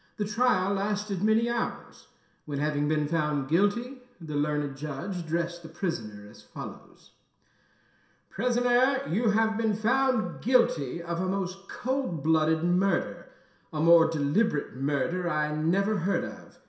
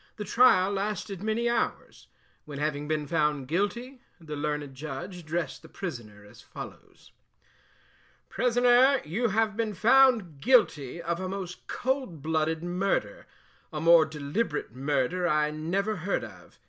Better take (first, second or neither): second